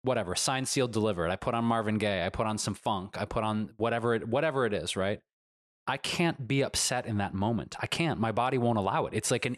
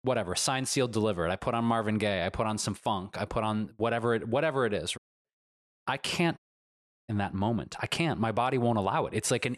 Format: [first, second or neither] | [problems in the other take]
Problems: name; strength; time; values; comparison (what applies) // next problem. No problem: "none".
first | audio cutting out; at 5 s and at 6.5 s for 0.5 s